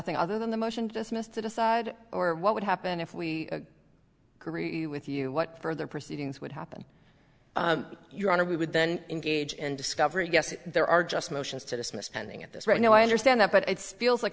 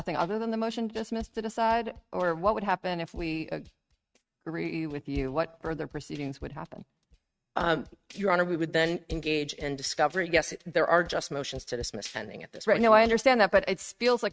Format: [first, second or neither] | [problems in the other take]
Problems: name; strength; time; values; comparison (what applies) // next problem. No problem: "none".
first | noise reduction (neural mask model RNNoise)